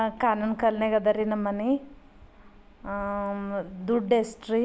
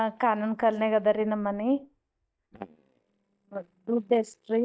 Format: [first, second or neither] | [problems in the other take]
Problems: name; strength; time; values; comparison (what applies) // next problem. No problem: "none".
first | noise reduction (neural mask model DeepFilterNet 3)